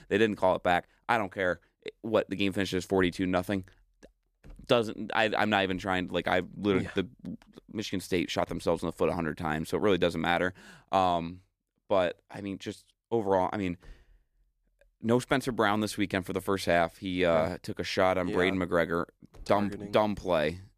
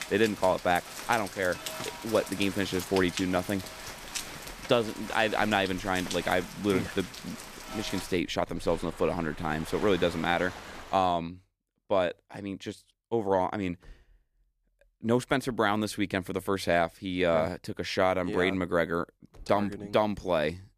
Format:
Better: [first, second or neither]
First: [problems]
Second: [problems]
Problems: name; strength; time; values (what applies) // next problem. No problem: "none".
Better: first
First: none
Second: rain or running water; noticeable; until 11 s; 10 dB below the speech